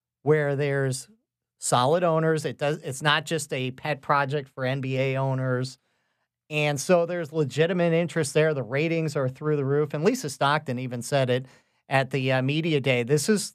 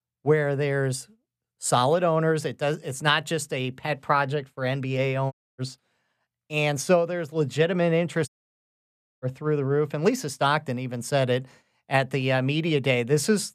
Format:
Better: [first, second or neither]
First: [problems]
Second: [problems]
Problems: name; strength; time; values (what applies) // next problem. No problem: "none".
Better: first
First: none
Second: audio cutting out; at 5.5 s and at 8.5 s for 1 s